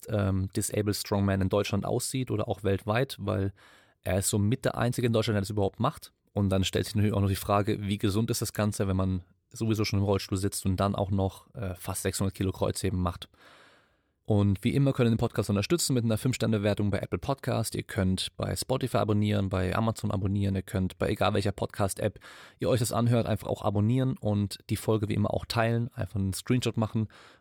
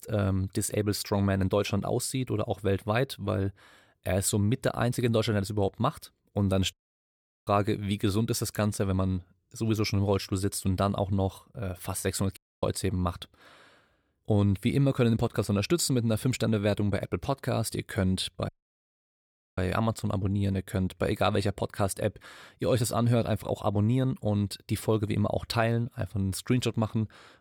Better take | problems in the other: first | audio cutting out; at 6.5 s for 0.5 s, at 12 s and at 18 s for 1 s

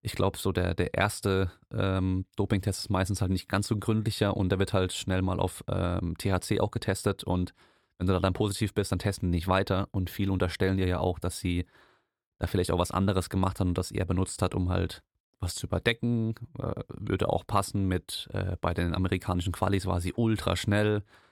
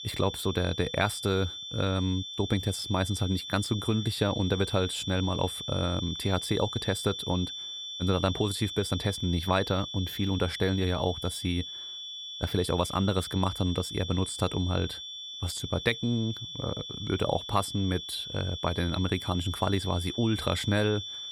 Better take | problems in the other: first | high-pitched whine; loud; throughout; 3.5 kHz, 7 dB below the speech

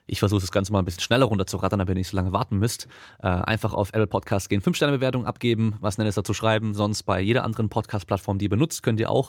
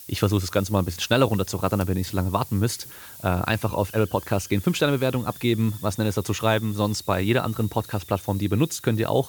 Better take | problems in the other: first | hiss; noticeable; throughout; 15 dB below the speech

